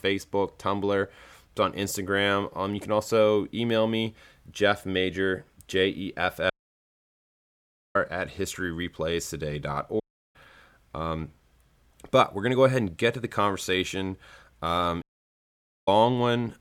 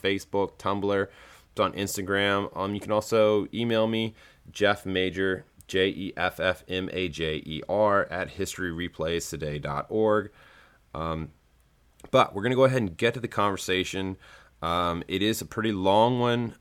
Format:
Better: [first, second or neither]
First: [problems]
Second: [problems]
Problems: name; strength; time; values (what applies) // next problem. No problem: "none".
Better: second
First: audio cutting out; at 6.5 s for 1.5 s, at 10 s and at 15 s for 1 s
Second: none